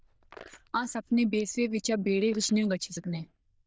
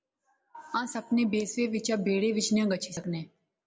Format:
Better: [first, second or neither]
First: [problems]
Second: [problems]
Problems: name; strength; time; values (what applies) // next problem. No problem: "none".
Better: second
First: noise reduction (neural diffusion model UNIVERSE++)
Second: none